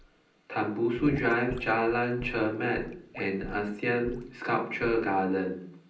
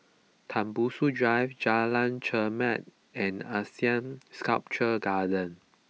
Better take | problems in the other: second | background sound (Sink (filling or washing) / Gurgling / Liquid); 17 dB below the speech // room echo; dies away in 0.6 s

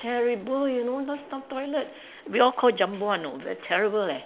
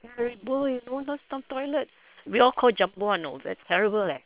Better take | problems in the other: first | noise reduction (neural separator model SepFormer WHAM!)

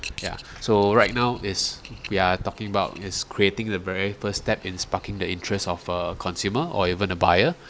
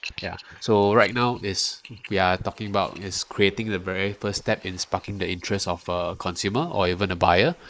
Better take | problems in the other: first | noise reduction (neural mask model Resemble Enhance denoiser)

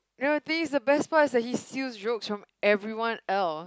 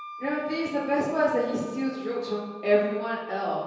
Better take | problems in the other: first | background sound (Wind instrument, woodwind instrument); 17 dB below the speech // room echo; dies away in 1.2 s

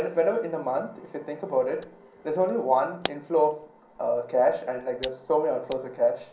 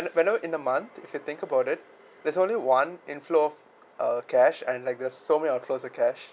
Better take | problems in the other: second | background sound (Camera); 19 dB below the speech // room echo; dies away in 0.6 s

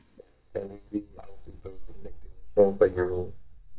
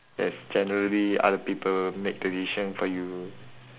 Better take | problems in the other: second | noise reduction (neural mask model DeepFilterNet 3)

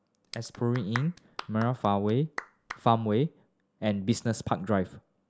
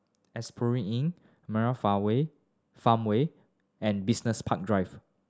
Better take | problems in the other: second | background sound (Clapping); 14 dB below the speech

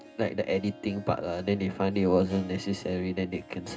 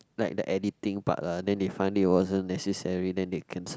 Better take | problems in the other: second | background sound (Harp); 18 dB below the speech // room echo; dies away in 0.2 s

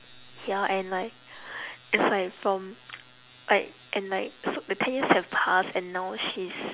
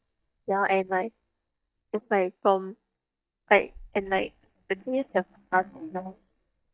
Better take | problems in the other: first | noise reduction (neural mask model DeepFilterNet 3)

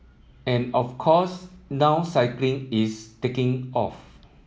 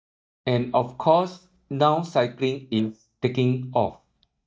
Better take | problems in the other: first | noise reduction (neural mask model DeepFilterNet 3)

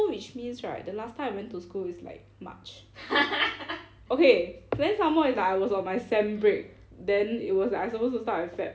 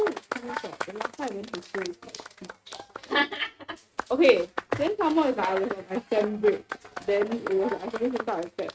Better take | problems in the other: first | noise reduction (neural mask model RNNoise)

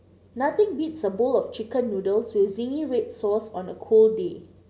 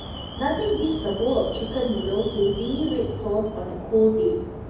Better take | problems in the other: first | background sound (Alarm); 10 dB below the speech // room echo; dies away in 0.9 s

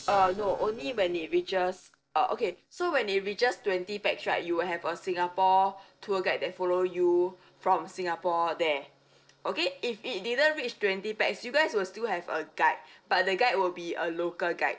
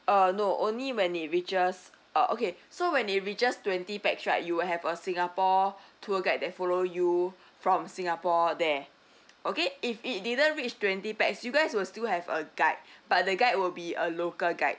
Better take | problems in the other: second | noise reduction (neural separator model SepFormer DNS4)

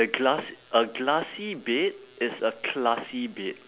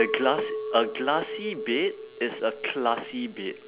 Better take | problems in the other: first | background sound (Chink, clink); 7 dB below the speech

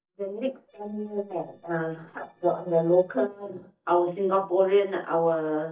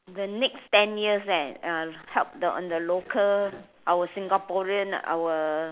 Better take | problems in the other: second | noise reduction (neural mask model DeepFilterNet 3)

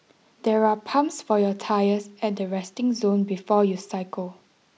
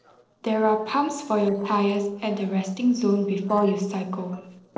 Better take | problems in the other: first | noise reduction (neural separator model SepFormer DNS4)

